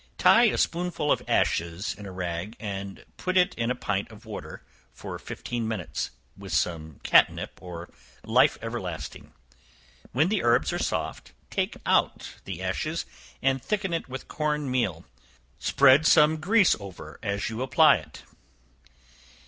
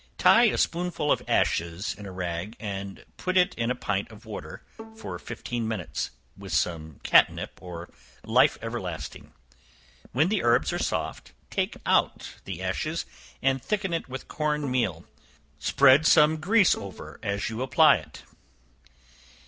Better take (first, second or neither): first